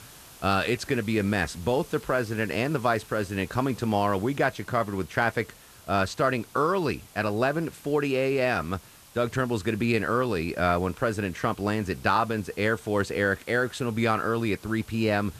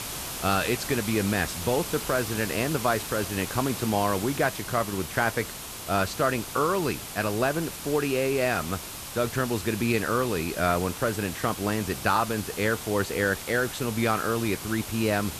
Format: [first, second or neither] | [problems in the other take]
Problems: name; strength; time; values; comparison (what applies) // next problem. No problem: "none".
first | hiss; loud; throughout; 8 dB below the speech; faint in the first